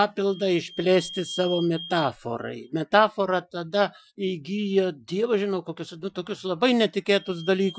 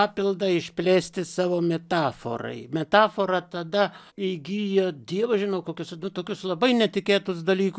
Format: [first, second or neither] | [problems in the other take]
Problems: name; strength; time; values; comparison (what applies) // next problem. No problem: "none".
second | noise reduction (classical method Wiener filter)